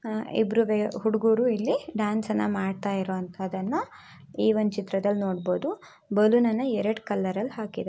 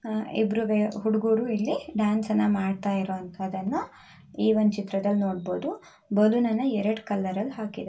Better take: first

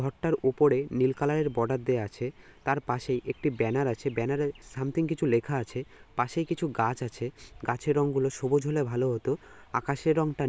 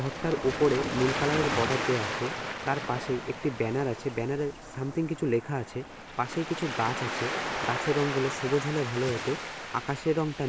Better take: first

